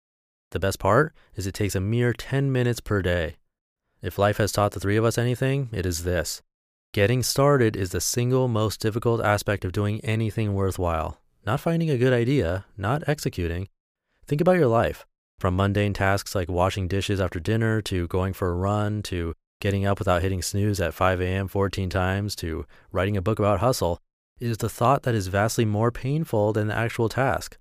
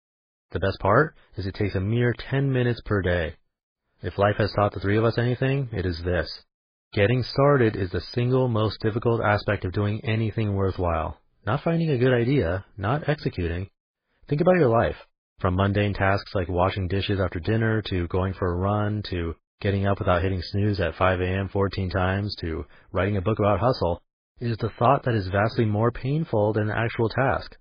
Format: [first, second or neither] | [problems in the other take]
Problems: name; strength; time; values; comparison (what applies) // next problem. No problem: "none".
first | garbled, watery; badly; nothing above 5 kHz